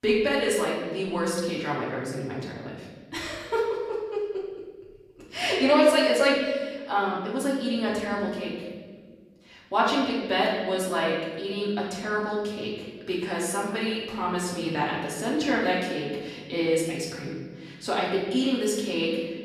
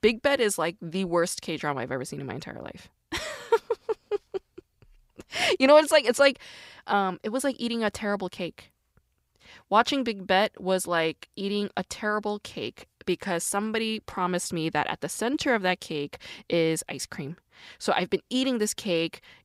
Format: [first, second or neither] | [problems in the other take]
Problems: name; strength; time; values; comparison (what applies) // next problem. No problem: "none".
second | off-mic speech; far // room echo; noticeable; dies away in 1.4 s